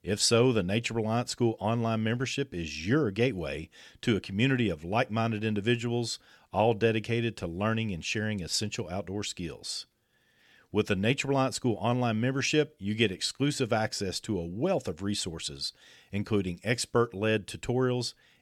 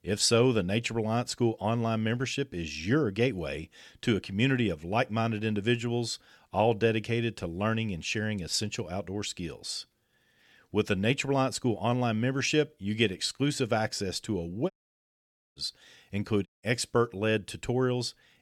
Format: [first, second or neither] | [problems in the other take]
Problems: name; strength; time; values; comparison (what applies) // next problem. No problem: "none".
first | audio cutting out; at 15 s for 1 s and at 16 s